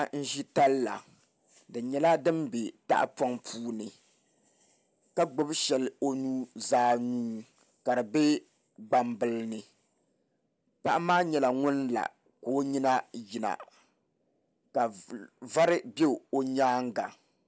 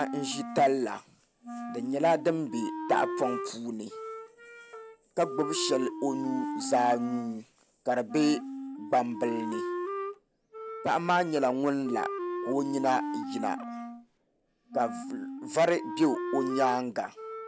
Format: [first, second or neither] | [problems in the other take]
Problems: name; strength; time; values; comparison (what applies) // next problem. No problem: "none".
first | background sound (Wind instrument, woodwind instrument); 7 dB below the speech